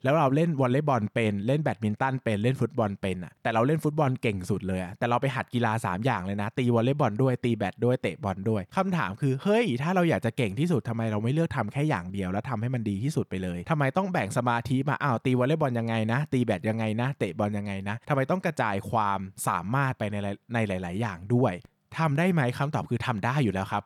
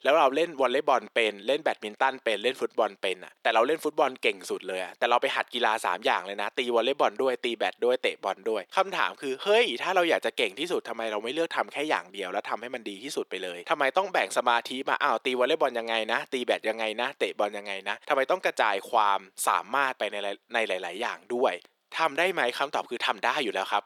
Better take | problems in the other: first | thin; very; fading below 350 Hz

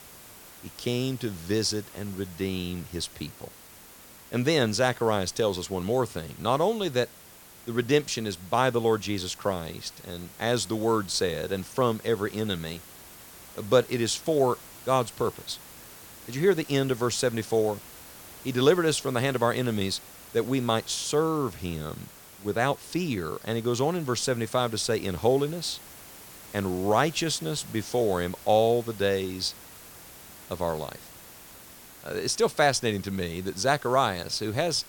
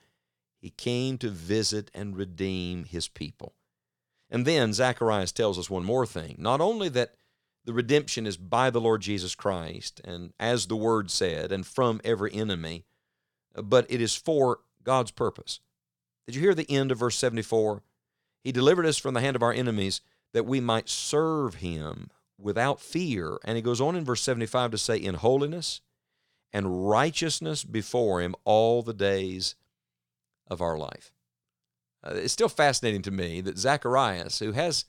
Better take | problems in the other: second | hiss; noticeable; throughout; 20 dB below the speech

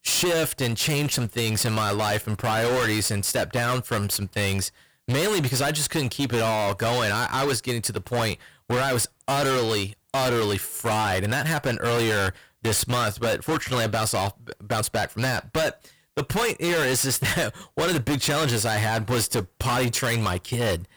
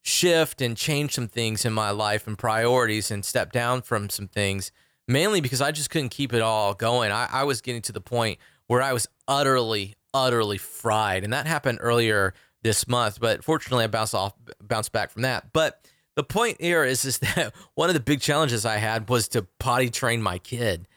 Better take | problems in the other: second | distortion; heavy; 27% of the sound clipped

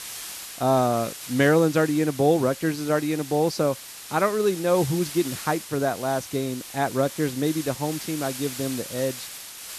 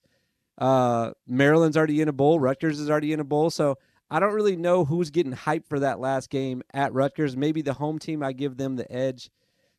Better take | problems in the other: second | hiss; noticeable; throughout; 10 dB below the speech

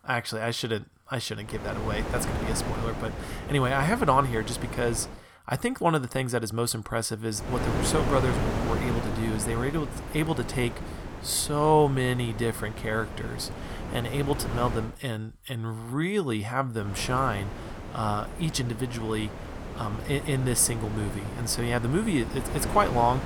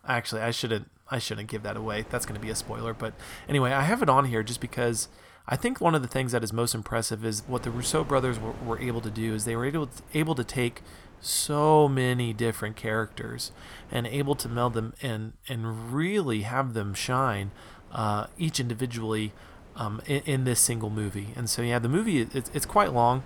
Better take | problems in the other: second | wind noise on the microphone; heavy; from 1.5 to 5 s, from 7.5 to 15 s and from 17 s on; 8 dB below the speech; occasional gusts in the second

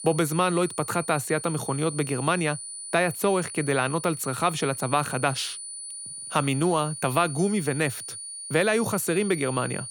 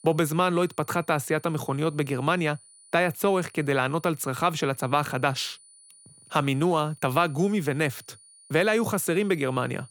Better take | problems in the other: second | high-pitched whine; loud; throughout; 9.5 kHz, 9 dB below the speech; faint in the second

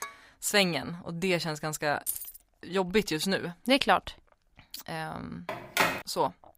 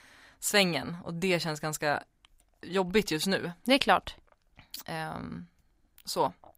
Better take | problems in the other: second | clattering dishes; faint; at the start; peak 15 dB below the speech // jangling keys; noticeable; at 2 s; peak 5 dB below the speech // phone ringing; loud; at 5.5 s; peak 2 dB above the speech

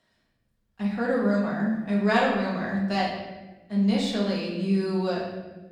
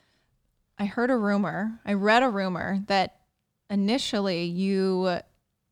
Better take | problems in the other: second | room echo; noticeable; dies away in 1.1 s // off-mic speech; far

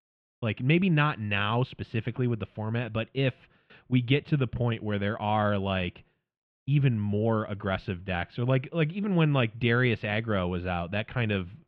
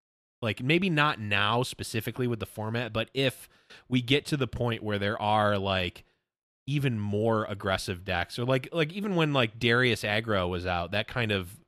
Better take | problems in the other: second | muffled; slightly; fading above 3 kHz

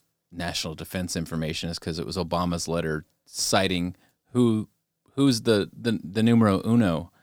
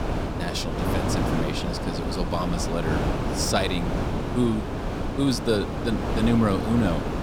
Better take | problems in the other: first | wind noise on the microphone; heavy; 1 dB below the speech

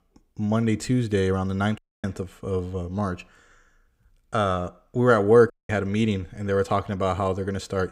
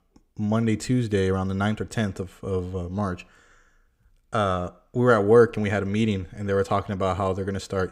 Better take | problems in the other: second | audio cutting out; at 2 s and at 5.5 s

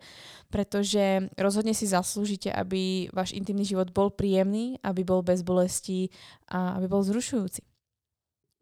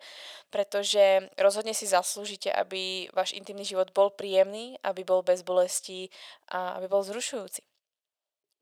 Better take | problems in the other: first | thin; very; fading below 650 Hz

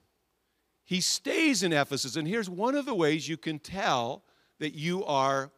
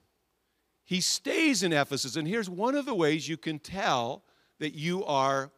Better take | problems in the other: neither | none

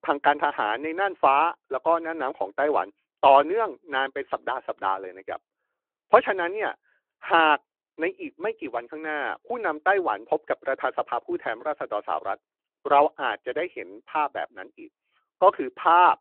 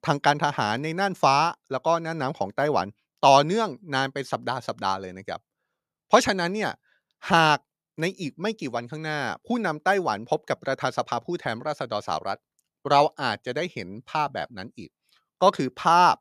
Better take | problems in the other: second | phone-call audio

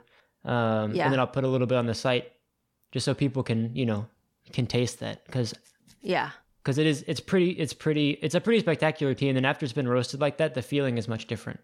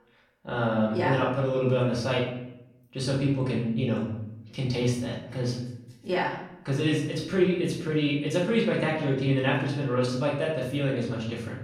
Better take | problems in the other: first | off-mic speech; far // room echo; noticeable; dies away in 0.7 s

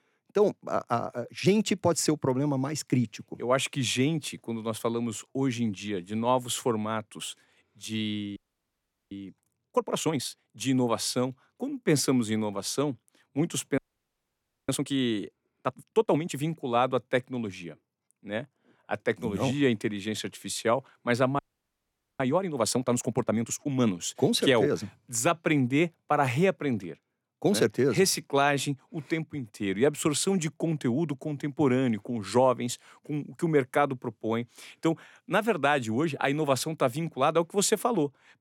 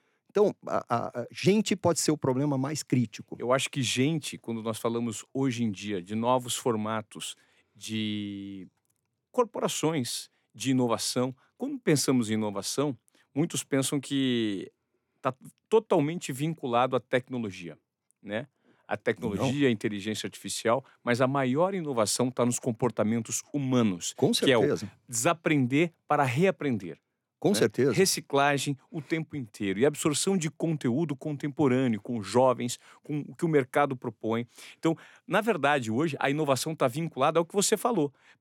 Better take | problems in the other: second | audio freezing; at 8.5 s for 1 s, at 14 s for 1 s and at 21 s for 1 s

